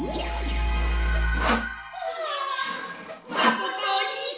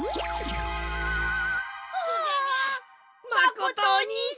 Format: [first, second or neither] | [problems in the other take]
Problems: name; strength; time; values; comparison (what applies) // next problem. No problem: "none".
second | background sound (Sawing); 5 dB below the speech // room echo; dies away in 0.9 s